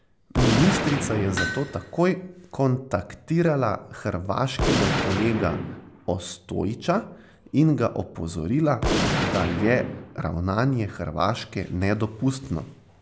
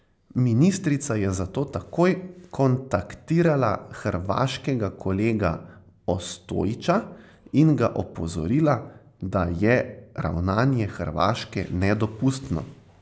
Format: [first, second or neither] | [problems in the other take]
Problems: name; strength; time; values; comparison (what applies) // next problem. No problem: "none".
second | background sound (Hammer + Gunshot, gunfire); 5 dB below the speech